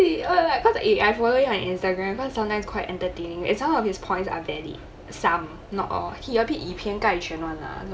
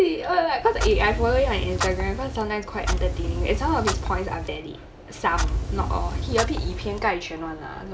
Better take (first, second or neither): first